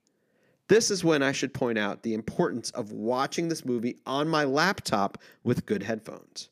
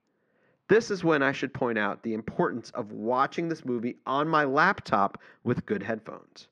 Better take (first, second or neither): first